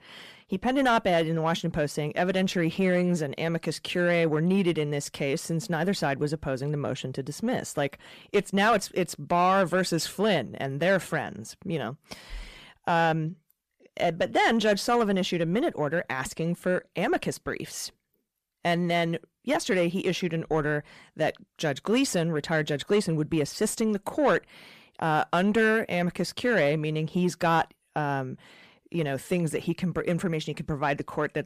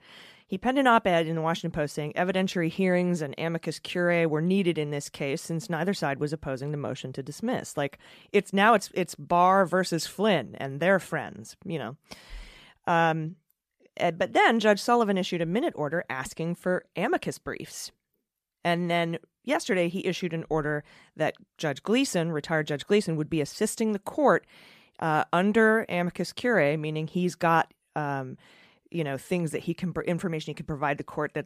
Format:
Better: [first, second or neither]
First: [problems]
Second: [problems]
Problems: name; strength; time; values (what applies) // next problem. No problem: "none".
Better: second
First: distortion; slight; 10 dB below the speech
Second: none